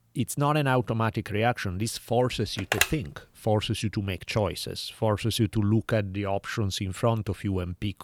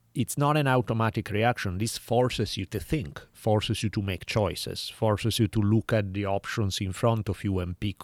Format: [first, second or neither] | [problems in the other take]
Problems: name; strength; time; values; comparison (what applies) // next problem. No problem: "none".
second | phone ringing; loud; at 2.5 s; peak 3 dB above the speech